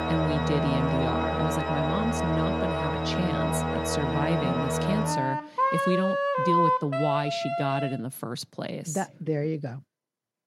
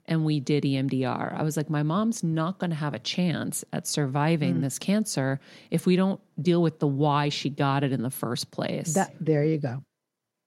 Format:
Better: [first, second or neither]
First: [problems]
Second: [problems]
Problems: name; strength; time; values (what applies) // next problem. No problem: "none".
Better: second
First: background music; very loud; until 8 s; 3 dB above the speech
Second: none